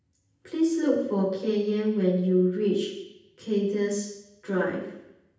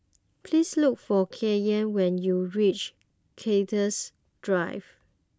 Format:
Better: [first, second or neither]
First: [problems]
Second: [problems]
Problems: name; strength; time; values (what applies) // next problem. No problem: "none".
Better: second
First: room echo; dies away in 0.9 s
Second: none